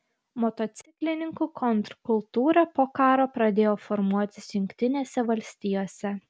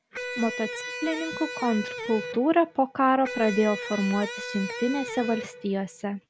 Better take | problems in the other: first | background sound (Electric guitar); 9 dB below the speech

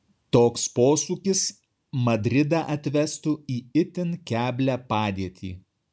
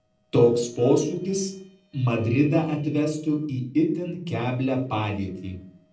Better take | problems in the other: first | noise reduction (neural separator model SepFormer DNS4)

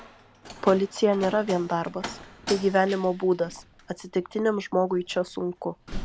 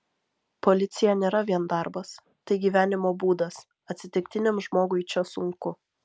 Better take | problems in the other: second | background sound (Slam); 14 dB below the speech

